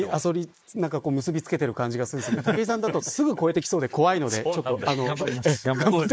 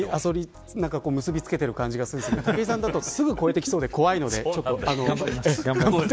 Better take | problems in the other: second | noise reduction (neural mask model Resemble Enhance denoiser)

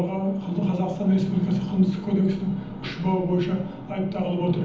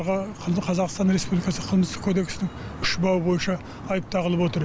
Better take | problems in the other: second | room echo; dies away in 1.3 s

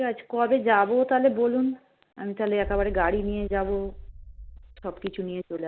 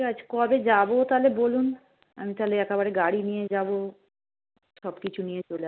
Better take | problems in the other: second | background sound (Boom); 12 dB below the speech

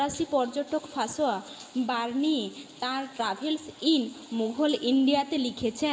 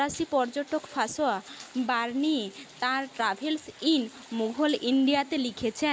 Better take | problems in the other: second | room echo; dies away in 1.5 s

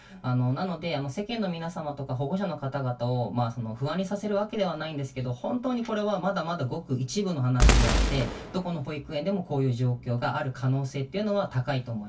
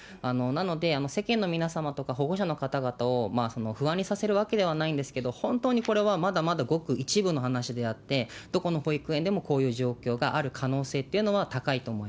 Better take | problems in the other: second | background sound (Boom); 4 dB above the speech // room echo; dies away in 0.1 s

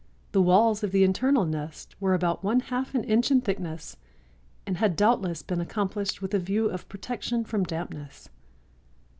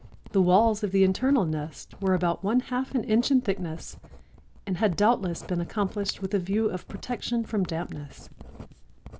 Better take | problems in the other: first | background sound (Writing); 18 dB below the speech

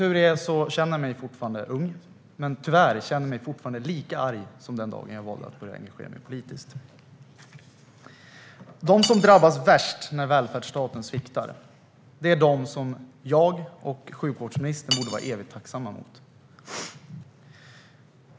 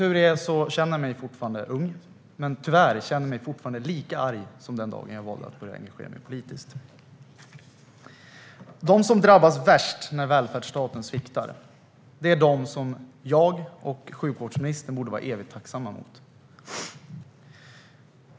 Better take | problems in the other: second | background sound (Cutlery, silverware); 10 dB below the speech

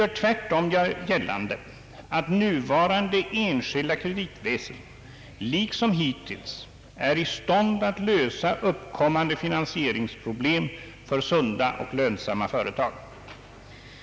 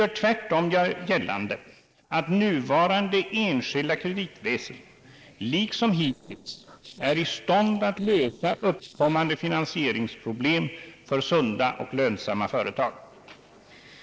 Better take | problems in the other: first | noise reduction (neural separator model SepFormer DNS4)

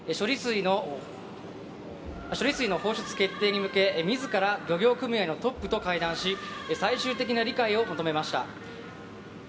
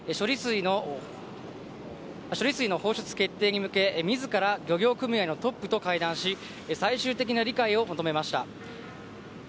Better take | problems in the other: second | background sound (Door); 13 dB below the speech // room echo; dies away in 2.8 s

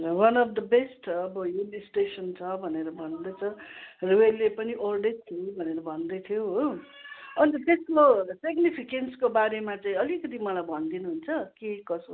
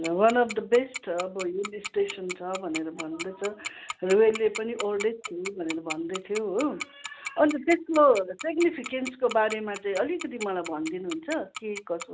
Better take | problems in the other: first | background sound (Tick-tock); 13 dB below the speech

